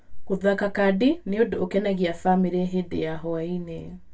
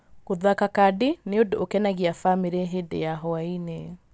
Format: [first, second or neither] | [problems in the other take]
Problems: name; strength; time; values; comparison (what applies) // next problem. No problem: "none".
second | room echo; dies away in 0.1 s